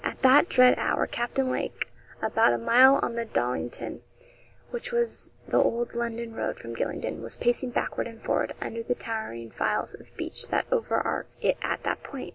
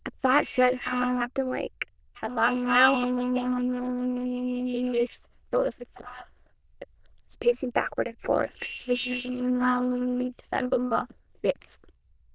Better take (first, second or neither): first